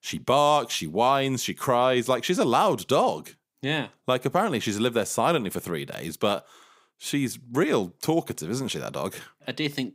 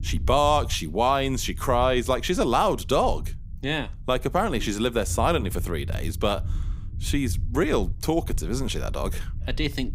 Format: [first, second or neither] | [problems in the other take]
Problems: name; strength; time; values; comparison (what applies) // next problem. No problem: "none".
first | low rumble; faint; throughout; 25 dB below the speech